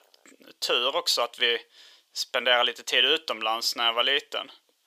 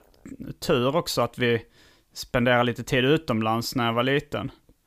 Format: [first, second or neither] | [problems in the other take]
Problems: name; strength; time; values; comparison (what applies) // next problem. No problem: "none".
second | thin; very; fading below 500 Hz